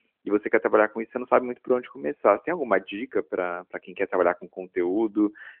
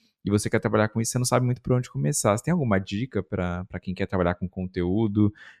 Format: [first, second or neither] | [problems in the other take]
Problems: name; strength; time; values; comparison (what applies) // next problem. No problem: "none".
second | phone-call audio; nothing above 3 kHz